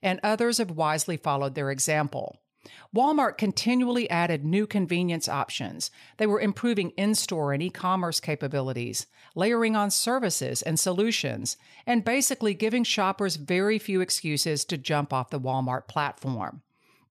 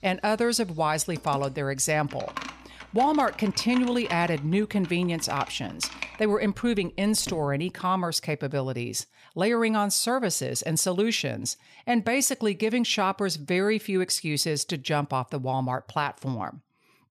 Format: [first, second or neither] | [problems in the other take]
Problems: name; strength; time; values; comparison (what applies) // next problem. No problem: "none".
first | household noises; noticeable; until 7.5 s; 15 dB below the speech